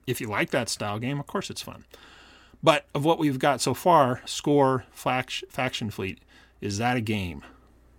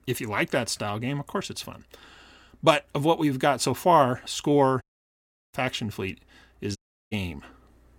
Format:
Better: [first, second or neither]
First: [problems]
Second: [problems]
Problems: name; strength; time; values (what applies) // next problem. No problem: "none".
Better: first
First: none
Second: audio cutting out; at 5 s for 0.5 s and at 7 s